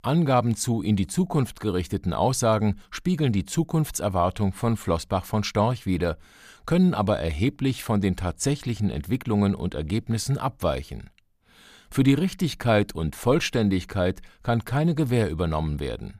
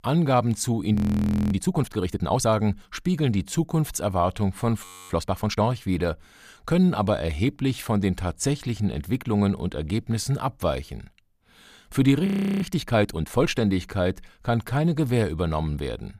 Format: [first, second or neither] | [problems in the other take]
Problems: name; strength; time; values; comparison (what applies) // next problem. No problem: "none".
first | audio freezing; at 1 s for 0.5 s, at 5 s and at 12 s